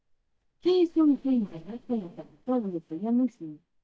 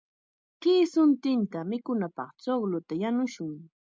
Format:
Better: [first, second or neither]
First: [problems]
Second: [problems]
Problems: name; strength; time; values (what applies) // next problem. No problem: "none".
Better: second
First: noise reduction (neural mask model DeepFilterNet 3)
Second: none